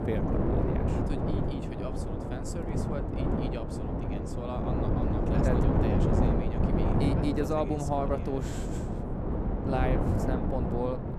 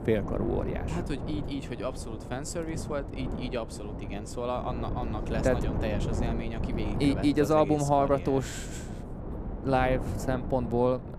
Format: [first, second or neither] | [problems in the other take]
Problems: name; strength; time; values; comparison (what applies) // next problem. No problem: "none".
second | wind noise on the microphone; heavy; 1 dB above the speech; occasional gusts in the second